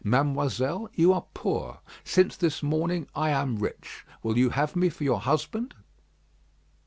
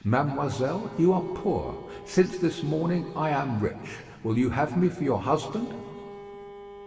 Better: first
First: none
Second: background sound (Bowed string instrument); 17 dB below the speech // room echo; dies away in 2.5 s

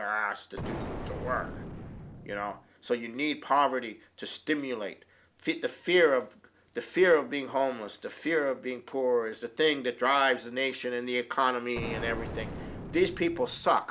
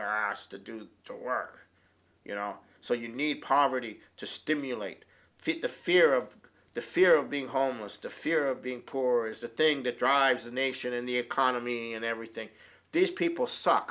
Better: second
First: background sound (Explosion); 9 dB below the speech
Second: none

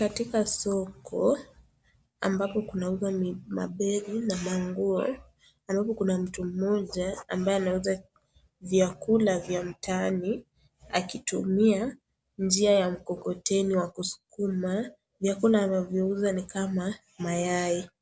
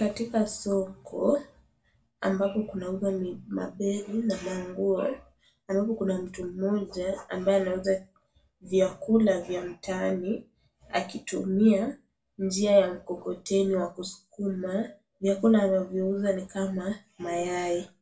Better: first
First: none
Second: room echo; dies away in 0.2 s

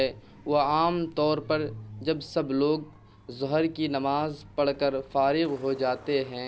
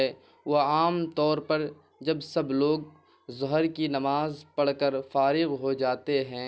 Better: second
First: background sound (Truck); 20 dB below the speech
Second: none

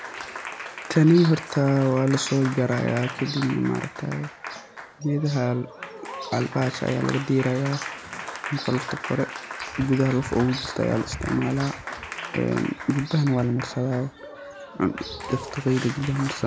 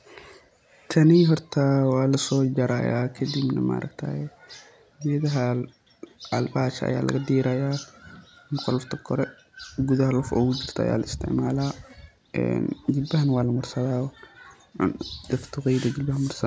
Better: second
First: background sound (Applause); 12 dB below the speech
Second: none

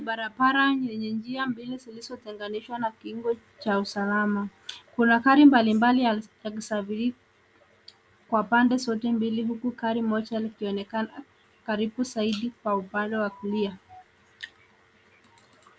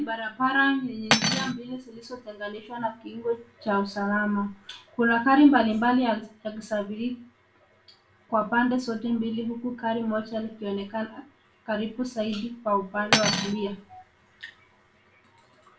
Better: first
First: none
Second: background sound (Cutlery, silverware); 3 dB below the speech // room echo; dies away in 0.3 s

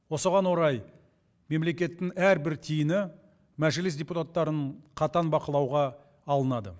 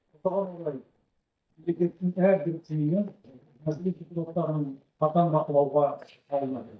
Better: first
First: none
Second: noise reduction (neural mask model DeepFilterNet 3)

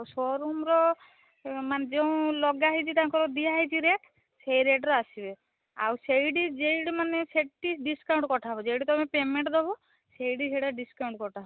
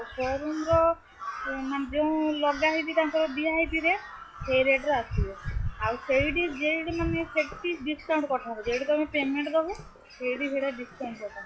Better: first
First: none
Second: noise reduction (classical method log-MMSE)

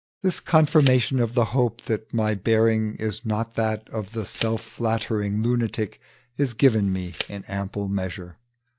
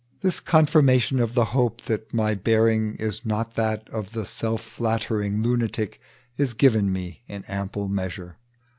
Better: second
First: noise reduction (neural mask model DeepFilterNet 3)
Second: none

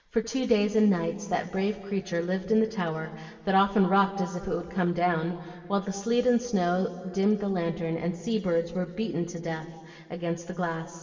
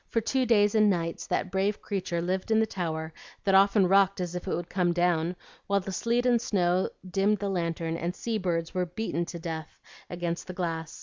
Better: second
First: room echo; dies away in 2.6 s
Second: none

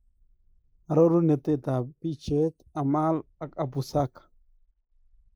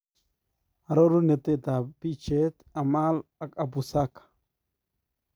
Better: second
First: noise reduction (neural mask model Resemble Enhance denoiser)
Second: none

